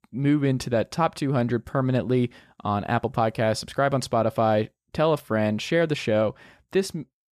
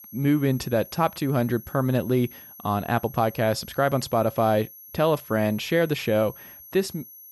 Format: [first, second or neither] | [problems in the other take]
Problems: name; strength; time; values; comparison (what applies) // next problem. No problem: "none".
first | high-pitched whine; noticeable; throughout; 11.5 kHz, 20 dB below the speech